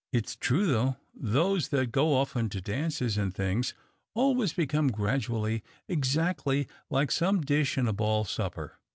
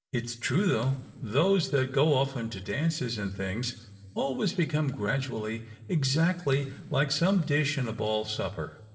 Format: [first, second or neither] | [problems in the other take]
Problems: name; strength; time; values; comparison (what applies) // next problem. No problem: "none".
first | noise reduction (neural separator model SepFormer DNS4)